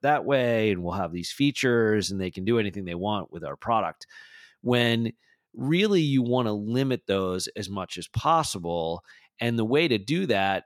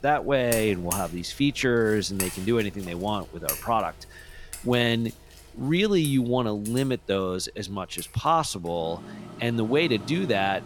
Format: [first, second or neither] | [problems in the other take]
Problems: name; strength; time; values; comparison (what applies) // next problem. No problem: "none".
first | household noises; noticeable; throughout; 10 dB below the speech